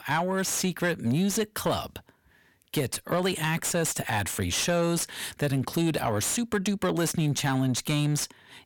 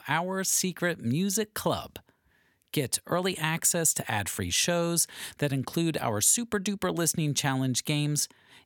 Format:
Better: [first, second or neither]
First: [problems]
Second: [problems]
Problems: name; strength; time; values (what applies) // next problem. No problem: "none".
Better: second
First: distortion; heavy; 8 dB below the speech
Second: none